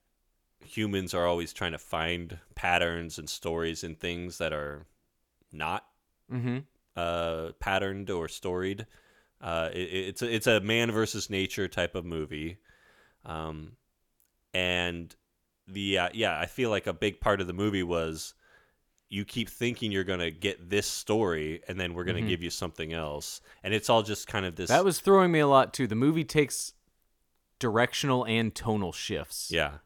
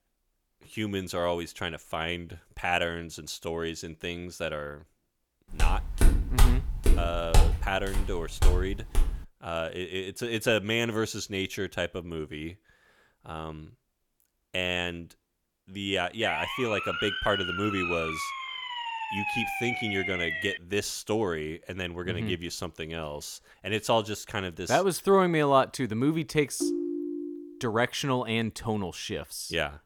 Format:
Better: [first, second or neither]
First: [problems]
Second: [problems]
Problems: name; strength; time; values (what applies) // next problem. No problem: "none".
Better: first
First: none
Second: footsteps; loud; from 5.5 to 9 s; peak 5 dB above the speech // siren; loud; from 16 to 21 s; peak 1 dB above the speech // phone ringing; noticeable; at 27 s; peak level with the speech